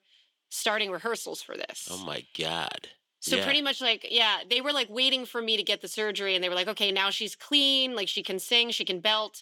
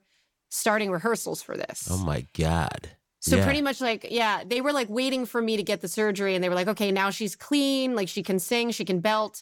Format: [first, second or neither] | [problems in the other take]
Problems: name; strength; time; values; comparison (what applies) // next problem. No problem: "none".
second | thin; very slightly; fading below 350 Hz